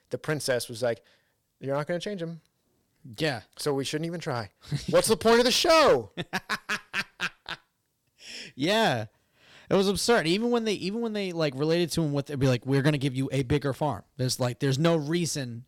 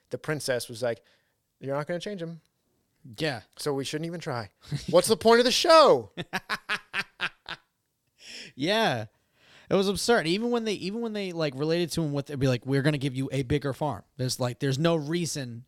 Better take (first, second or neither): second